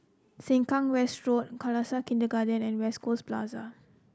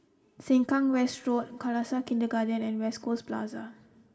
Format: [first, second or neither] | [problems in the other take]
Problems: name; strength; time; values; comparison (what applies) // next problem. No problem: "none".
first | room echo; dies away in 1.1 s